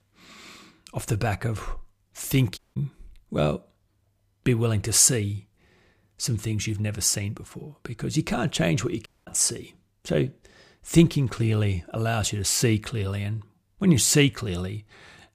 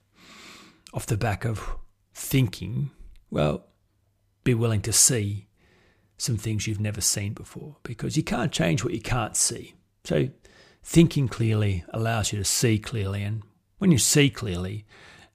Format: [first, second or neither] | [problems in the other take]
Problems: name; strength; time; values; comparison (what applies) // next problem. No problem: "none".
second | audio cutting out; at 2.5 s and at 9 s